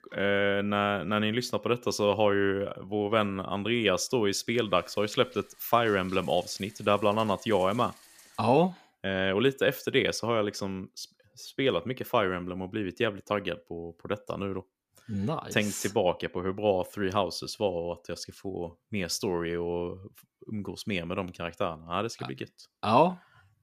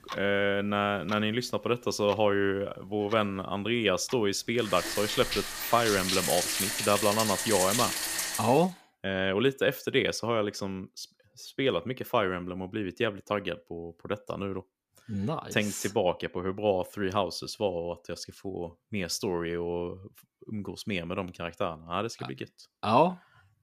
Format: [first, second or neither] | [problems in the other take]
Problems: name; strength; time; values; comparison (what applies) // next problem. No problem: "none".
first | household noises; loud; until 8.5 s; 1 dB below the speech; faint in the first